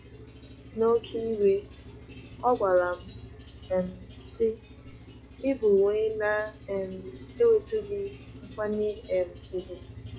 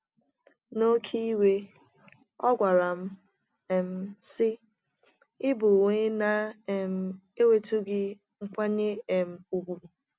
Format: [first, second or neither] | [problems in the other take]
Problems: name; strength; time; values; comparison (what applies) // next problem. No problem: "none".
second | noise reduction (classical method log-MMSE)